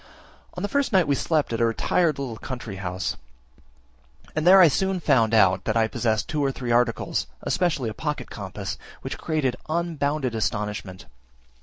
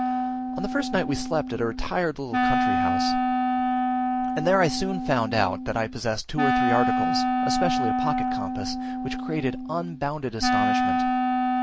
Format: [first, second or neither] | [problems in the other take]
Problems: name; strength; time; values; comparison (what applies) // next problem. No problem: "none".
first | background sound (Wind instrument, woodwind instrument); 3 dB above the speech